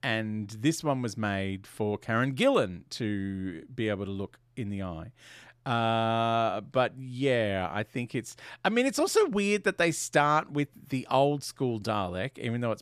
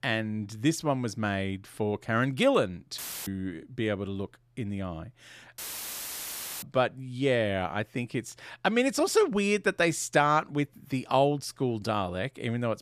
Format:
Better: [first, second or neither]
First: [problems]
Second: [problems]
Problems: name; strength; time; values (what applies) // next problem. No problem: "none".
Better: first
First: none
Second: audio cutting out; filled with static; at 3 s and at 5.5 s for 1 s